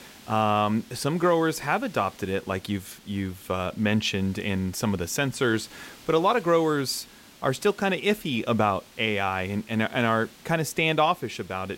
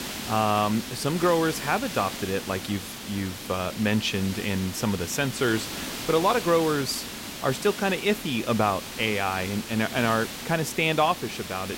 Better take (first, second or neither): first